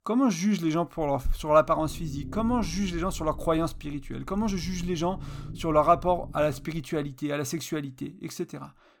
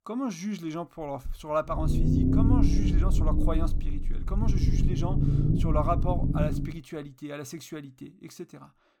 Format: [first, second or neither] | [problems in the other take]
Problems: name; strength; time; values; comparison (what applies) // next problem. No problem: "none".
first | low rumble; loud; from 2 to 6.5 s; 1 dB below the speech; faint in the first